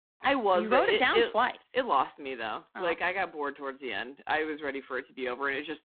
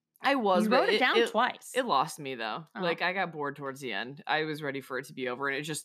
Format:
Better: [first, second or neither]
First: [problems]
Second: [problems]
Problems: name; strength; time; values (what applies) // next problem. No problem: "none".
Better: second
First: phone-call audio; poor line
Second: none